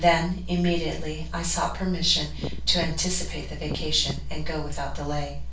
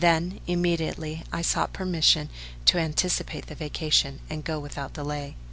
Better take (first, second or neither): second